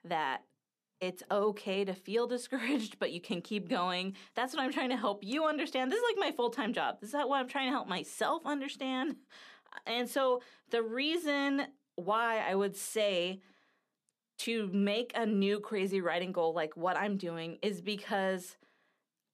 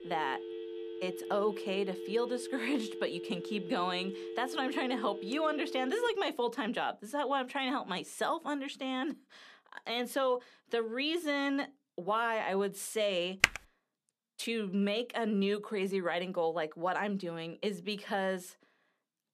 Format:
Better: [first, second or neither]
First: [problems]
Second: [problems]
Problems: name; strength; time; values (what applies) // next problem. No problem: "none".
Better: first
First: none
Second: phone ringing; noticeable; until 6 s; peak 8 dB below the speech // keyboard typing; very faint; at 13 s; peak 6 dB above the speech